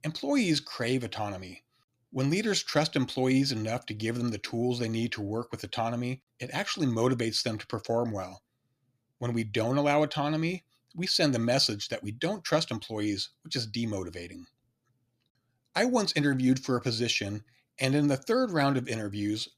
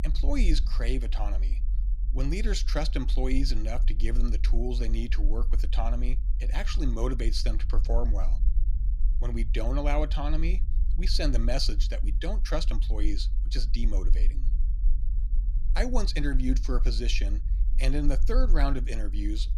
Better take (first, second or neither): first